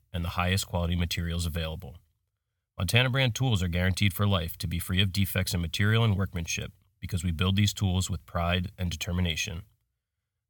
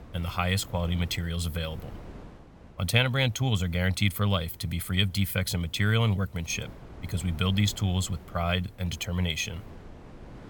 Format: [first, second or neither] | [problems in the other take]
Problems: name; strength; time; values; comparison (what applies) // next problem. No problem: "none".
first | wind noise on the microphone; occasional gusts; 20 dB below the speech